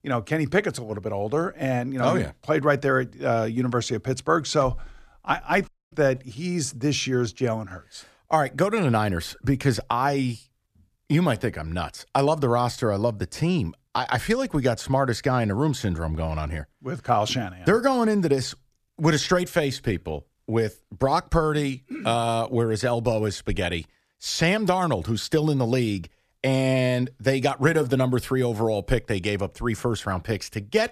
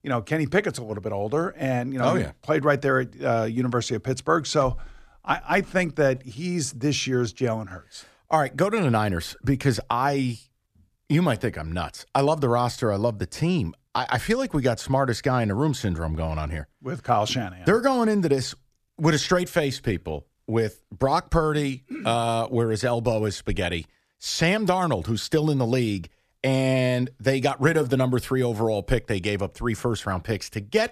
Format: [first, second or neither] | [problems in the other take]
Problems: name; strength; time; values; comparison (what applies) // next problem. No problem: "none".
second | audio cutting out; at 5.5 s